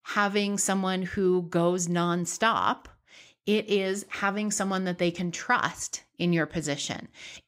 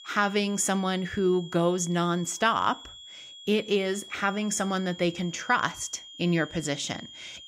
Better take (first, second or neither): first